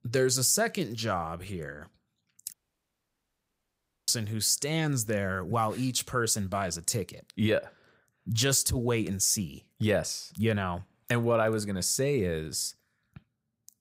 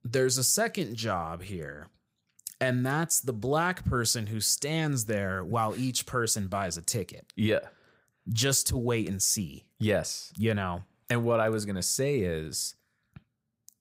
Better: second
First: audio cutting out; at 2.5 s for 1.5 s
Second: none

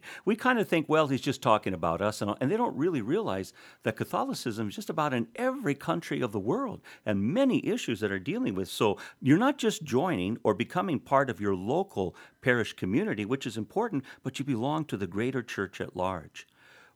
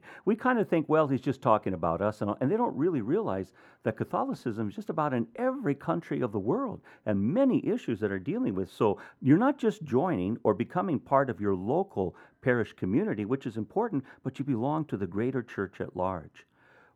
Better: first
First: none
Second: muffled; slightly; fading above 2 kHz

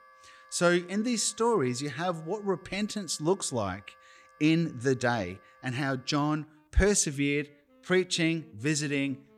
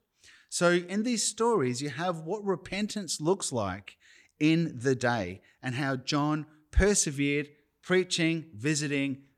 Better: second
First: background music; faint; throughout; 30 dB below the speech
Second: none

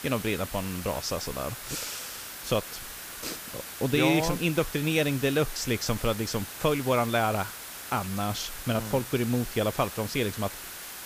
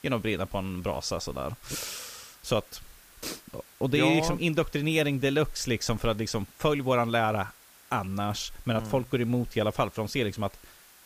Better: second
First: hiss; loud; throughout; 9 dB below the speech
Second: hiss; faint; throughout; 25 dB below the speech

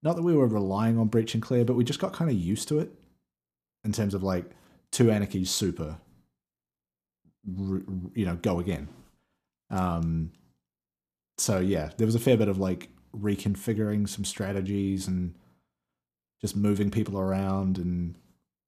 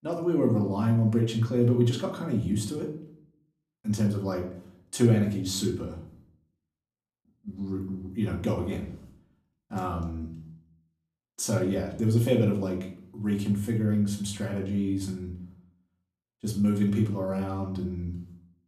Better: first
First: none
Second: room echo; slight; dies away in 0.4 s // off-mic speech; far

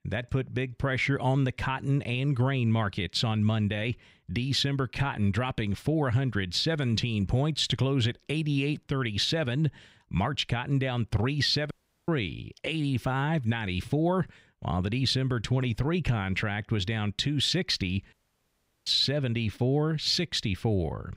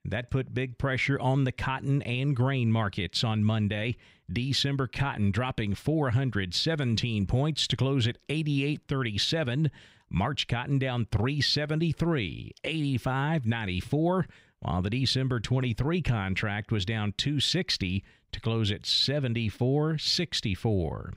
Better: second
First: audio cutting out; at 12 s and at 18 s for 0.5 s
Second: none

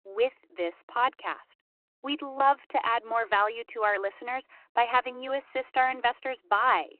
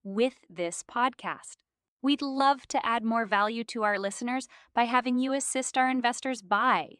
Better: second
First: phone-call audio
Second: none

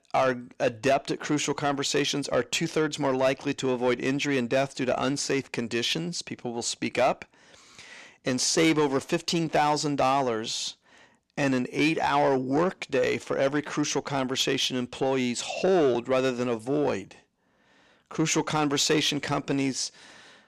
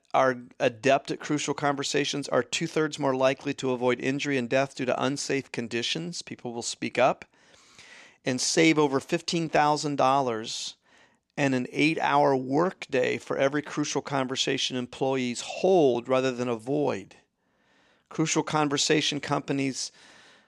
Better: second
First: distortion; slight; 10 dB below the speech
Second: none

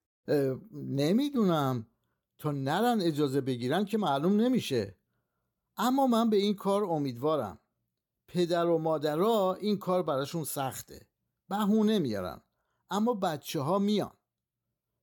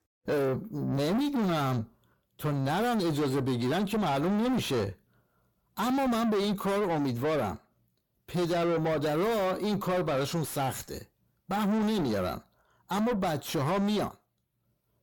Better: first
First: none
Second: distortion; heavy; 6 dB below the speech

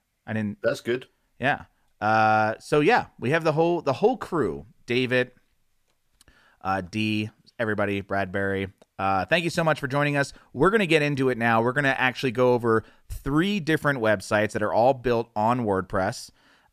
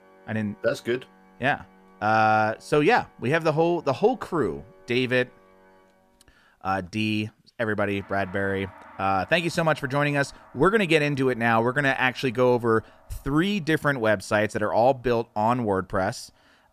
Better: first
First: none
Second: background music; faint; throughout; 30 dB below the speech

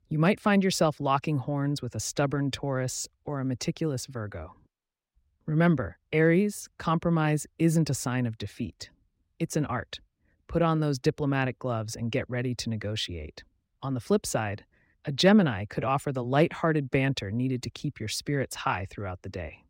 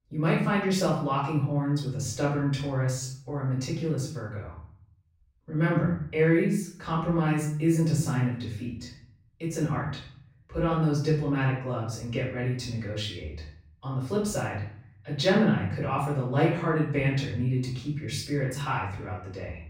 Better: first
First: none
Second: room echo; noticeable; dies away in 0.6 s // off-mic speech; far

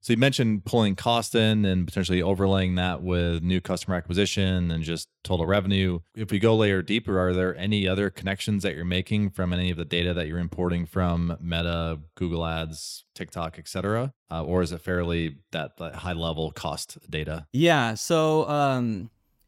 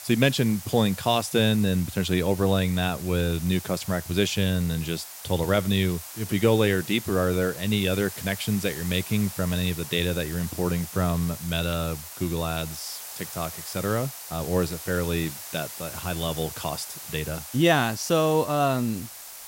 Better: first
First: none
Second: hiss; noticeable; throughout; 10 dB below the speech

